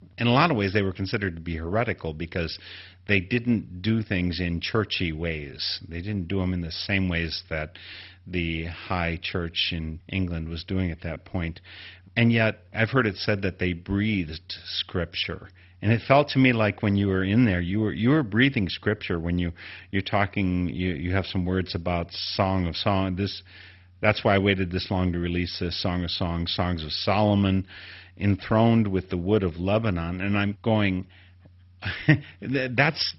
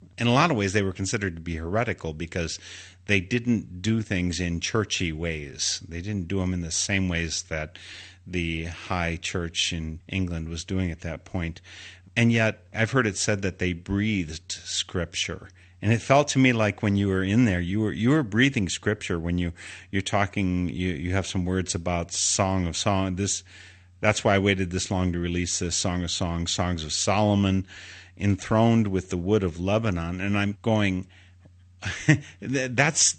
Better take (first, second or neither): second